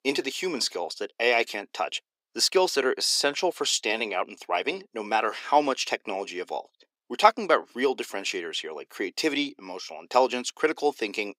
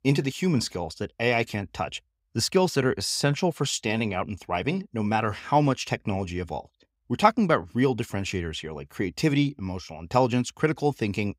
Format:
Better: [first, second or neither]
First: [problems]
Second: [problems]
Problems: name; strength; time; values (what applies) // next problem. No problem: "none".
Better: second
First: thin; somewhat; fading below 350 Hz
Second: none